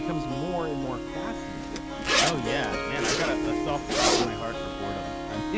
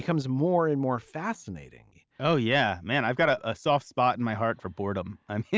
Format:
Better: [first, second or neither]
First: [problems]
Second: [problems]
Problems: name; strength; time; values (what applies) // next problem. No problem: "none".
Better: second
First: background sound (Harp + Zipper (clothing)); 5 dB above the speech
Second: none